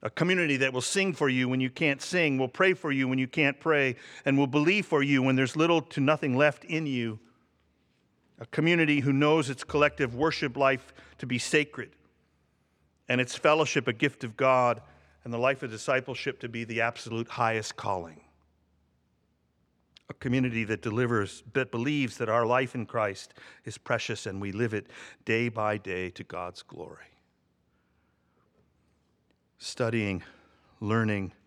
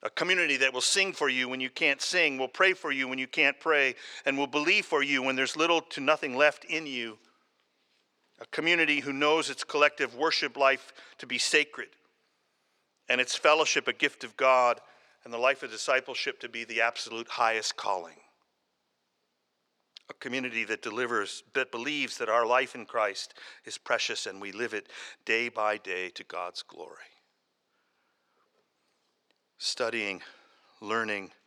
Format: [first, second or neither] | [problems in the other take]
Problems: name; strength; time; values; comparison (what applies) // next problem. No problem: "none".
first | thin; somewhat; fading below 450 Hz